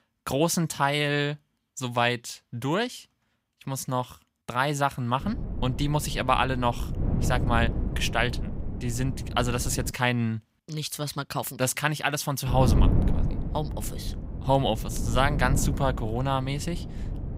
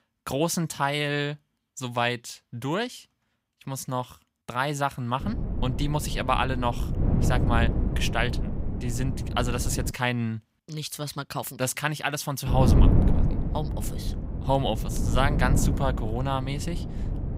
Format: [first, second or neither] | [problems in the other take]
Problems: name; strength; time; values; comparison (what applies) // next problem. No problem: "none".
first | wind noise on the microphone; heavy; from 5 to 10 s and from 12 s on; 8 dB below the speech; occasional gusts in the first